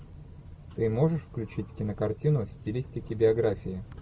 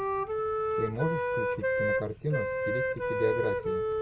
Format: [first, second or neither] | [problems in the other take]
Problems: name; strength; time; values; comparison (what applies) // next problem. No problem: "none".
first | background sound (Wind instrument, woodwind instrument); 4 dB above the speech